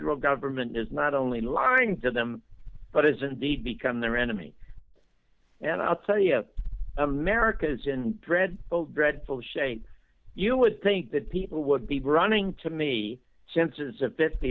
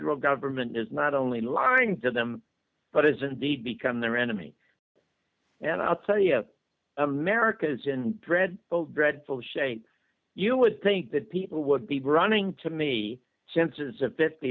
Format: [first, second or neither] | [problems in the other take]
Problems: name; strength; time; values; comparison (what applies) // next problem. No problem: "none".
second | background sound (Insect); 13 dB below the speech